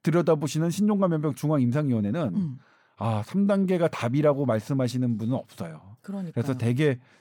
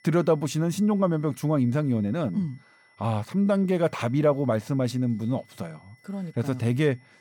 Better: first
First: none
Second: high-pitched whine; faint; throughout; 2 kHz, 35 dB below the speech

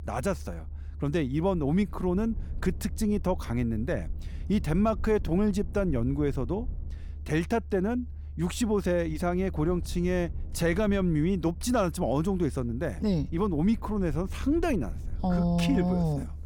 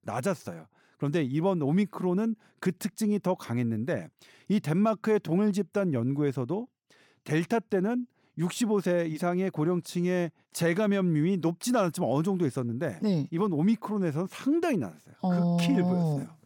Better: second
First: low rumble; faint; throughout; 25 dB below the speech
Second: none

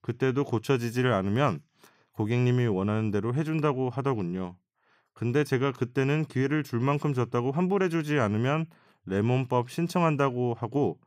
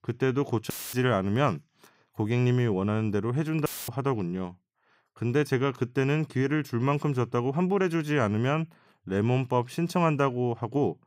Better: first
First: none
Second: audio cutting out; filled with static; at 0.5 s and at 3.5 s

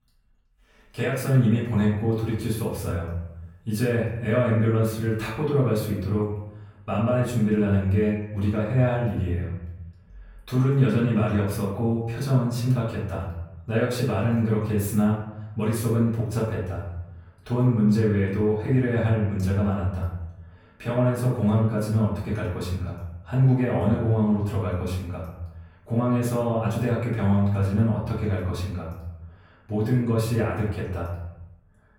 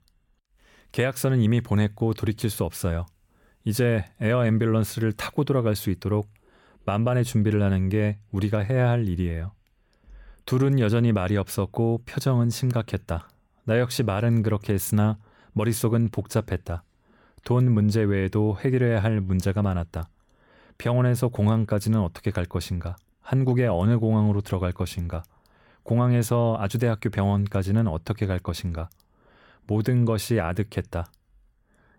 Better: second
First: off-mic speech; far // room echo; noticeable; dies away in 0.8 s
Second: none

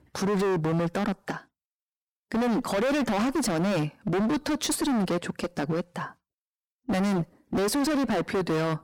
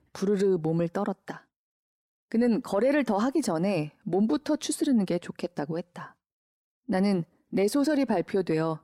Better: second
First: distortion; heavy; 30% of the sound clipped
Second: none

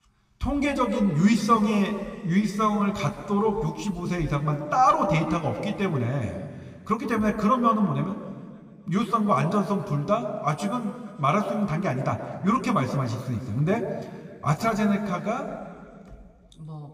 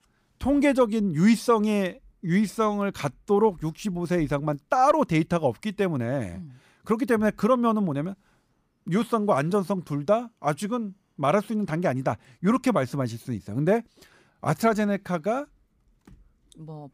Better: second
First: room echo; slight; dies away in 2.1 s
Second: none

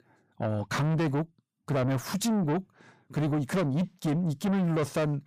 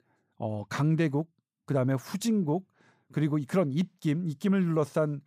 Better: second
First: distortion; heavy; 8 dB below the speech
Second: none

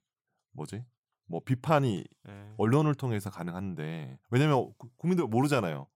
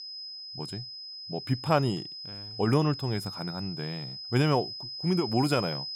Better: first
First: none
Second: high-pitched whine; loud; throughout; 5 kHz, 8 dB below the speech

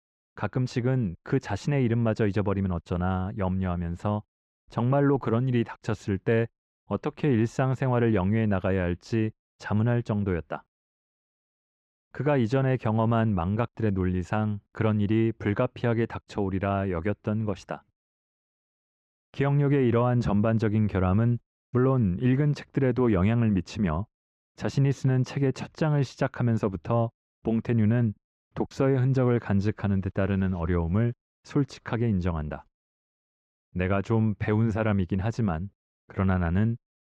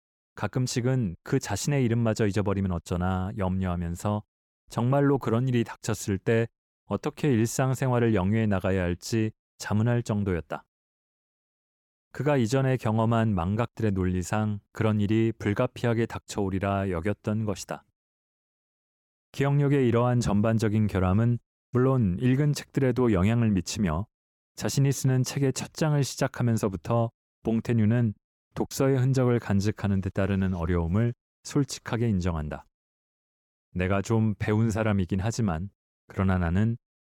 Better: second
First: muffled; slightly; fading above 3 kHz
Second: none

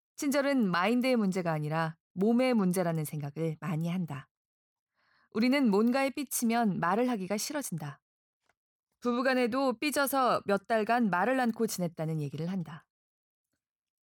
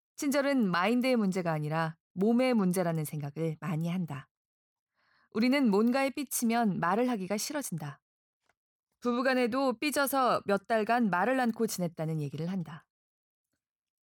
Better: neither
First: none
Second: none

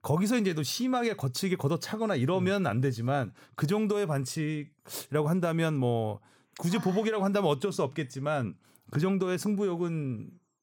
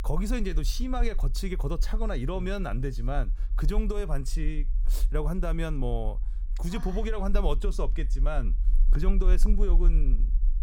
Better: first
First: none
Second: low rumble; noticeable; throughout; 20 dB below the speech

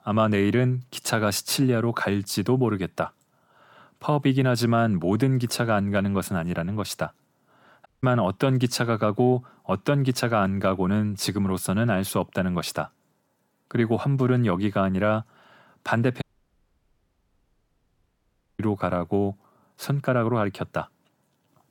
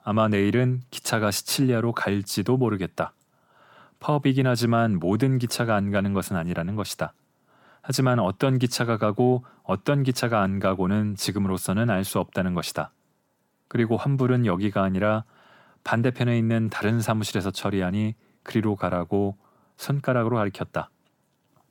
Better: second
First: audio cutting out; at 8 s and at 16 s for 2.5 s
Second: none

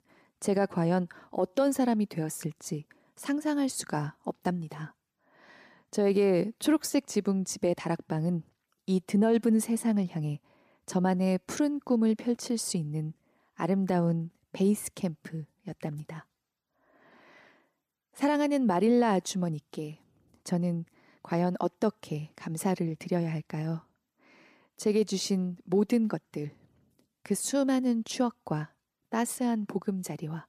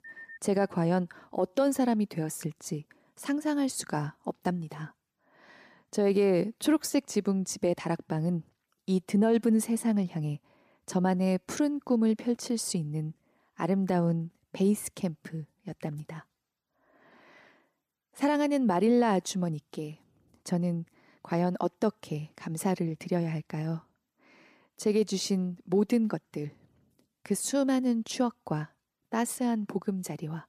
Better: first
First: none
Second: phone ringing; faint; at the start; peak 15 dB below the speech

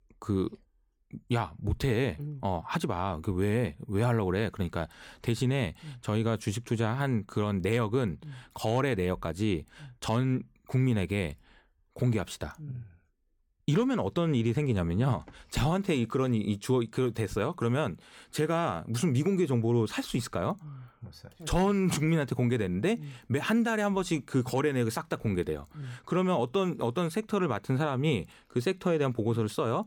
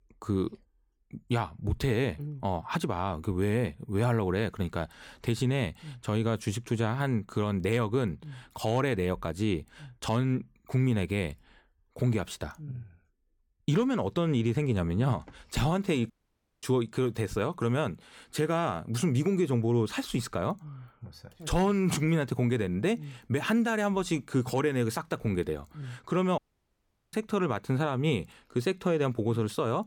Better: first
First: none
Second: audio cutting out; at 16 s for 0.5 s and at 26 s for 1 s

